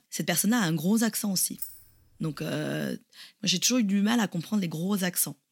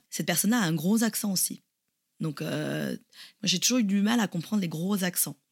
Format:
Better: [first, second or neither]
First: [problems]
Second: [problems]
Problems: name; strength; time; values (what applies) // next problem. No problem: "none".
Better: second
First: jangling keys; faint; at 1.5 s; peak 10 dB below the speech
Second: none